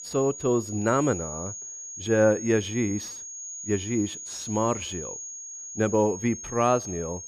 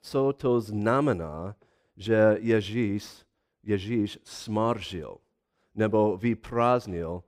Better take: second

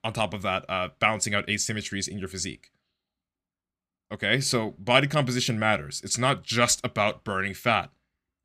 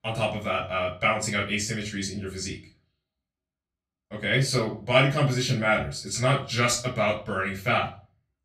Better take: first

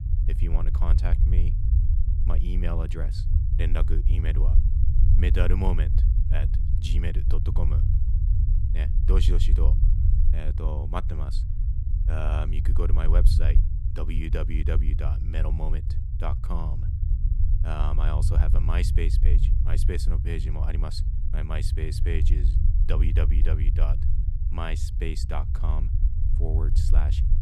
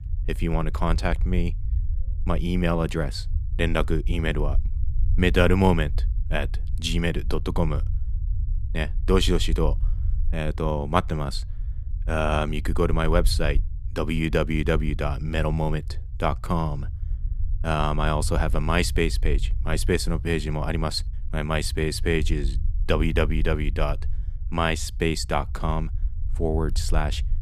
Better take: second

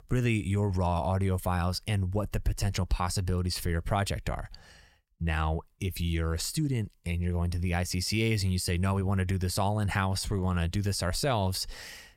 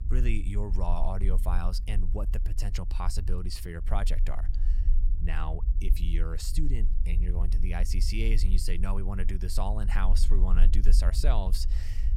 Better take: first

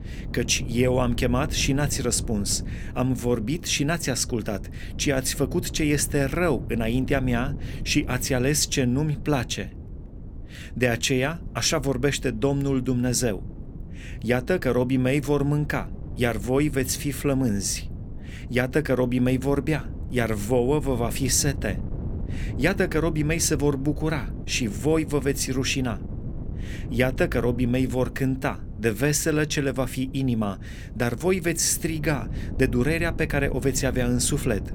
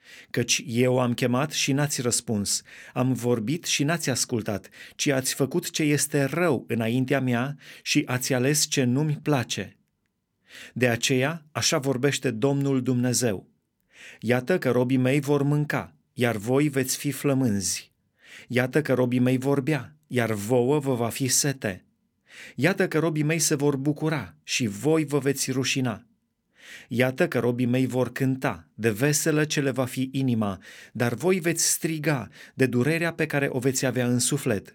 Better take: second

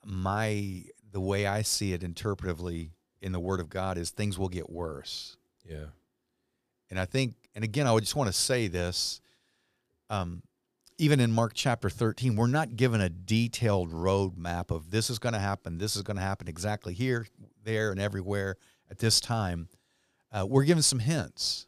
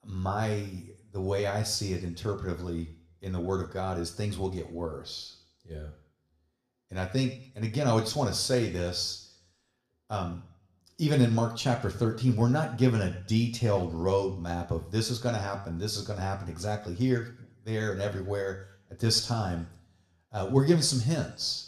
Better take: first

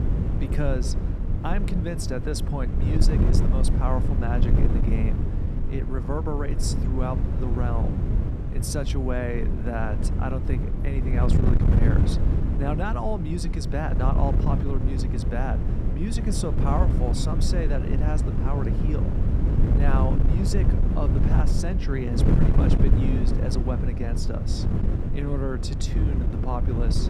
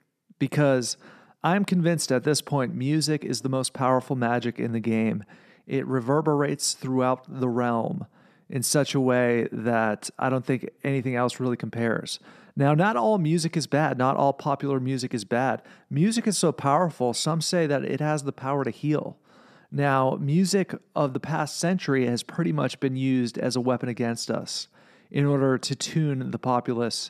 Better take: second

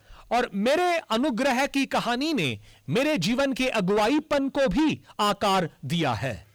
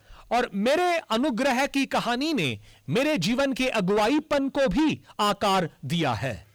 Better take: neither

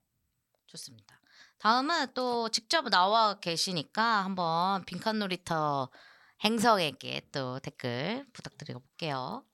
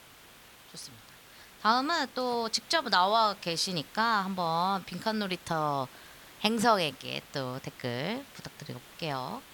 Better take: first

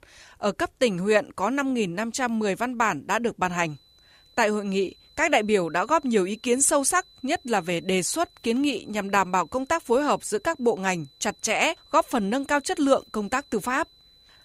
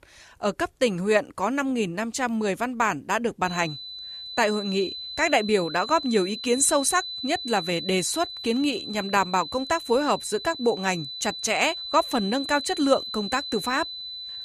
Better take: first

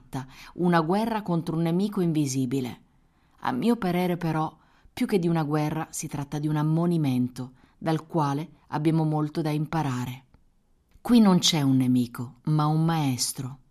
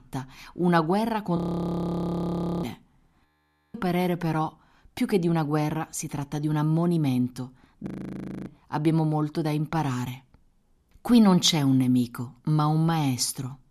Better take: first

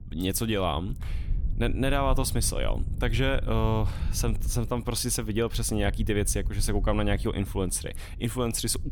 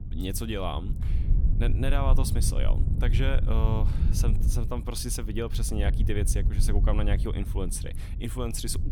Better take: first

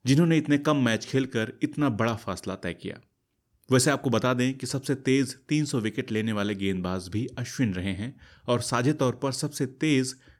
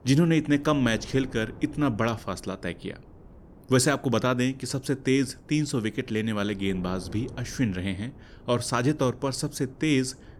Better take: first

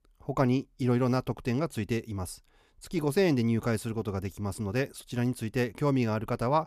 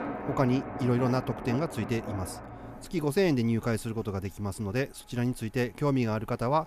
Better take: first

